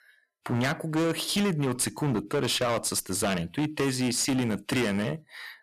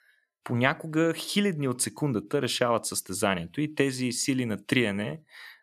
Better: second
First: distortion; heavy; 18% of the sound clipped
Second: none

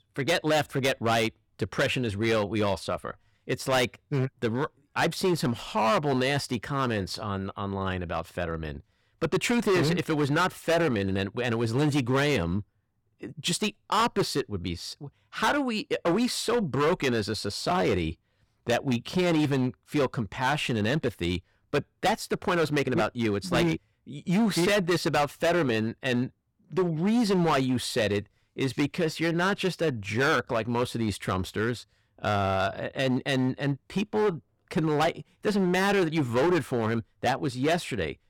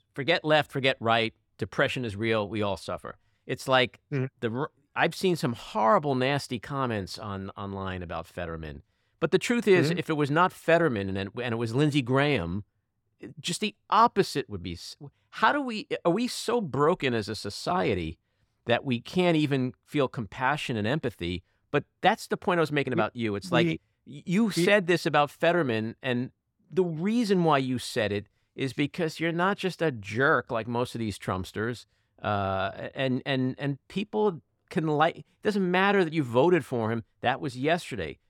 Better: second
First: distortion; heavy; 10% of the sound clipped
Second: none

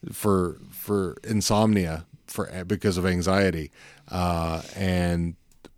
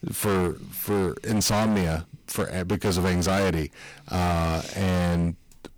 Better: first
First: none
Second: distortion; heavy; 22% of the sound clipped

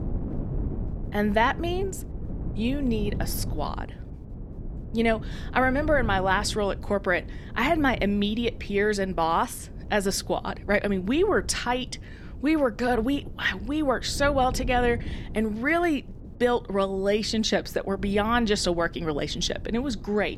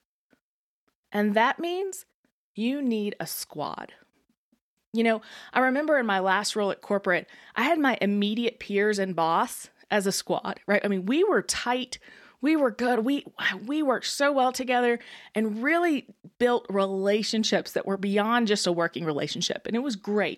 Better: second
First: wind noise on the microphone; occasional gusts; 20 dB below the speech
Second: none

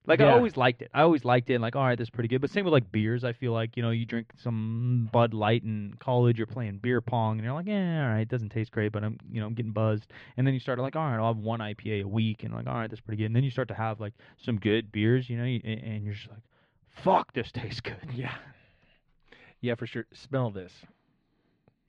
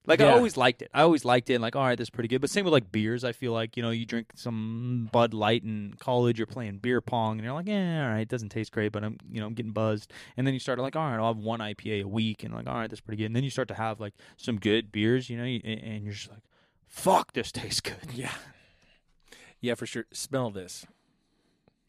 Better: second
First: muffled; slightly; fading above 3 kHz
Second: none

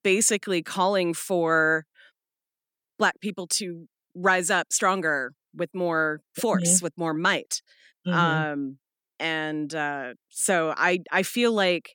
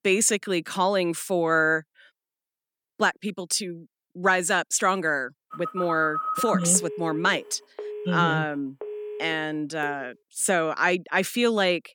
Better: first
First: none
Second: phone ringing; noticeable; from 5.5 to 10 s; peak 3 dB below the speech

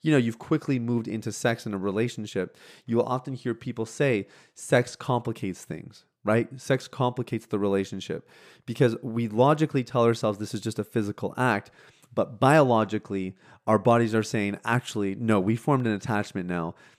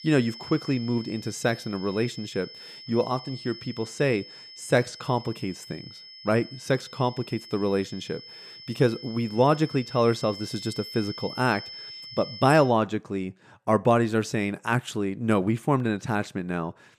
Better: first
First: none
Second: high-pitched whine; noticeable; until 13 s; 5.5 kHz, 15 dB below the speech

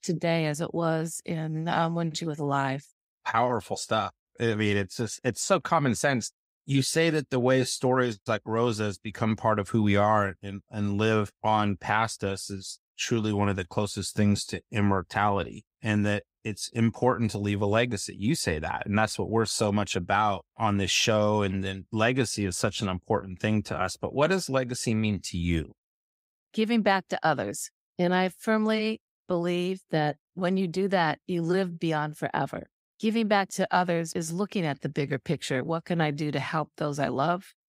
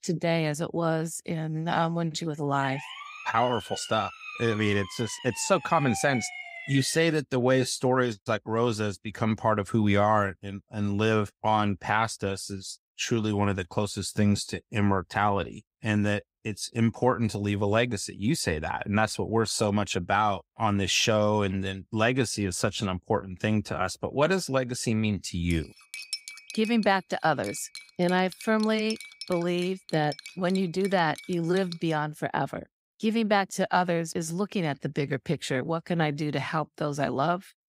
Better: first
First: none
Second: siren; noticeable; from 2.5 to 7 s; peak 8 dB below the speech // clattering dishes; noticeable; from 26 to 32 s; peak 8 dB below the speech

